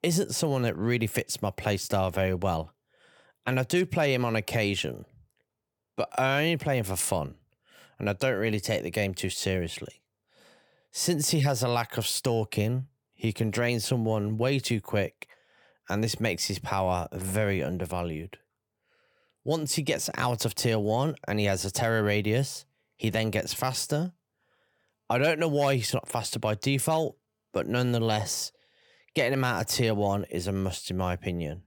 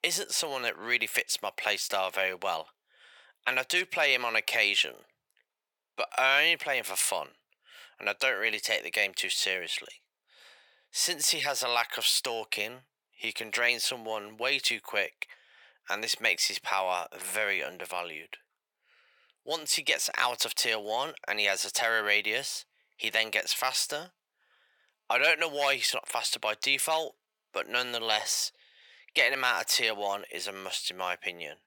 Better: first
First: none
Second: thin; very; fading below 750 Hz

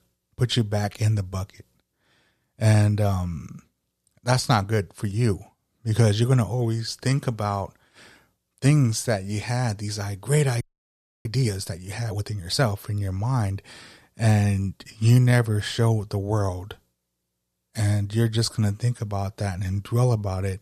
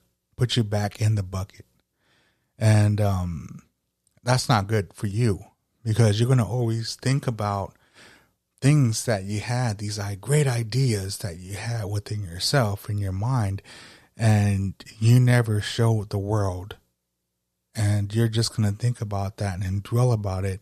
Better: second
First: audio freezing; at 11 s for 0.5 s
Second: none

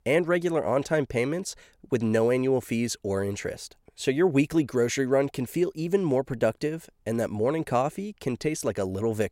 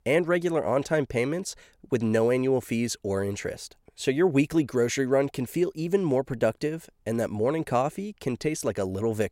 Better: neither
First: none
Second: none

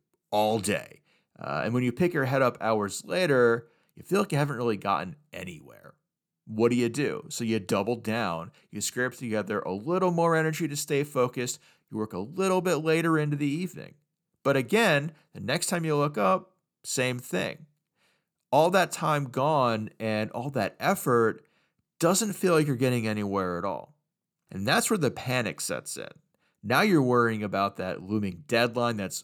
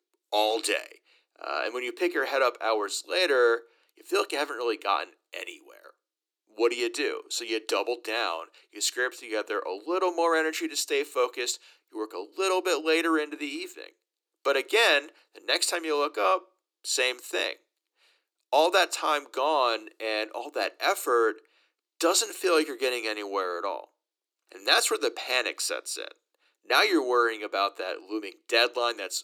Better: first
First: none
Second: thin; very; fading below 300 Hz

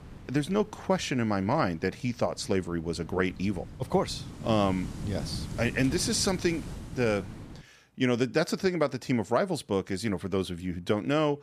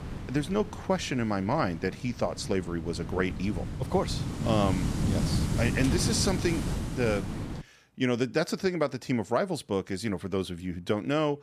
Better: first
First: wind noise on the microphone; occasional gusts; until 7.5 s; 15 dB below the speech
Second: wind noise on the microphone; heavy; until 7.5 s; 8 dB below the speech

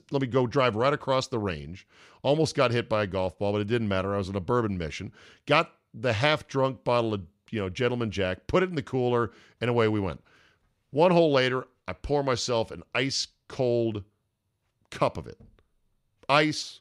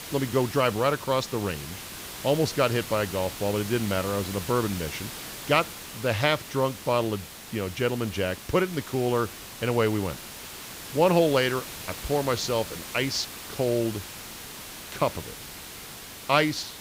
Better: first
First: none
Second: hiss; noticeable; throughout; 10 dB below the speech

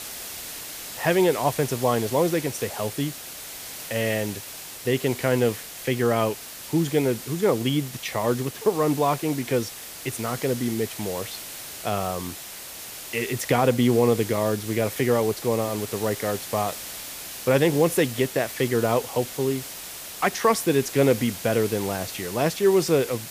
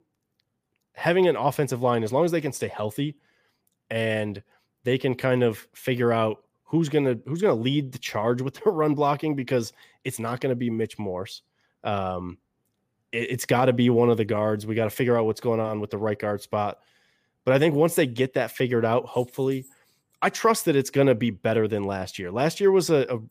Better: second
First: hiss; noticeable; throughout; 10 dB below the speech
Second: none

